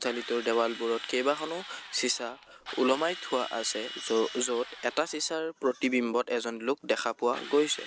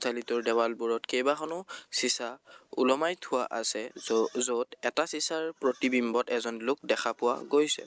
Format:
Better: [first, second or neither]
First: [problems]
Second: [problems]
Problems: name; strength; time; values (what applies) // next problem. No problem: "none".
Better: second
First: background sound (Drill); 14 dB below the speech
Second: none